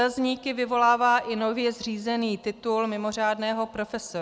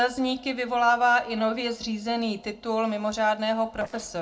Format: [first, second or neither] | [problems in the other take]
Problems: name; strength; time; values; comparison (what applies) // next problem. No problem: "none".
first | noise reduction (neural separator model SepFormer DNS4)